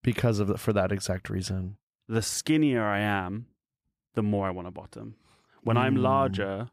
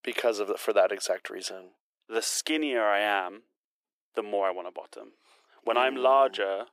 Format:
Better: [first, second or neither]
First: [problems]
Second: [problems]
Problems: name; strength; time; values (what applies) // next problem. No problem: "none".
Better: first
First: none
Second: thin; very; fading below 350 Hz